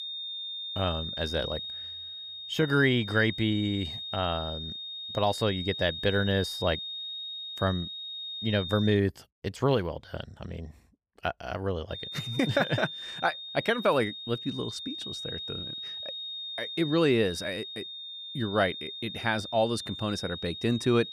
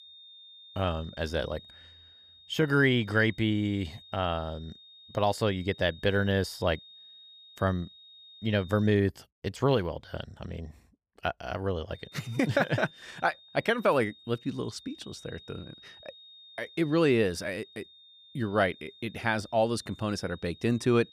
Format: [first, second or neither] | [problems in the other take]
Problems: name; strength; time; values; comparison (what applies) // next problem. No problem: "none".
second | high-pitched whine; loud; until 9 s and from 12 s on; 3.5 kHz, 7 dB below the speech; faint in the second